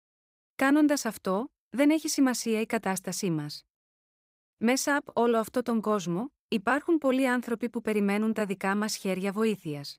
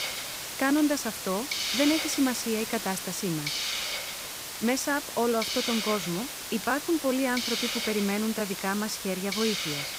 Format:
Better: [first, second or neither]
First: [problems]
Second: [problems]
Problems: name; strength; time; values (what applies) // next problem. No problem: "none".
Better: first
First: none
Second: hiss; loud; throughout; 2 dB below the speech